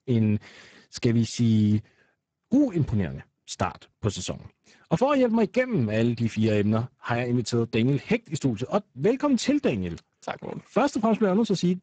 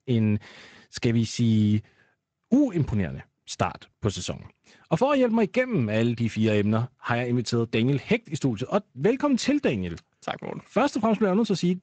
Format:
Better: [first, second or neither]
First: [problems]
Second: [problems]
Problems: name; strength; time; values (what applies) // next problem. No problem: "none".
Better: second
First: garbled, watery; badly; nothing above 8 kHz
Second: garbled, watery; slightly; nothing above 8 kHz